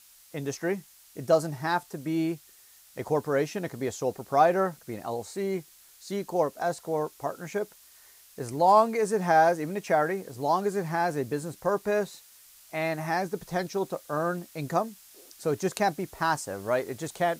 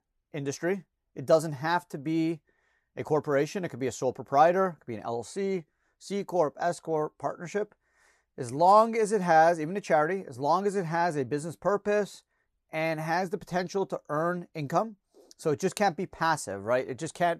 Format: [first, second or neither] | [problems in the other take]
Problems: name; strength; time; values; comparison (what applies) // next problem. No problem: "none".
second | hiss; faint; throughout; 25 dB below the speech